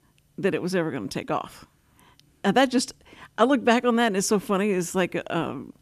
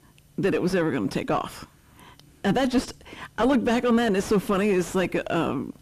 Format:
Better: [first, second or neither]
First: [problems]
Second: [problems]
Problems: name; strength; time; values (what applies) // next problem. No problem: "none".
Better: first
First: none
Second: distortion; heavy; 5 dB below the speech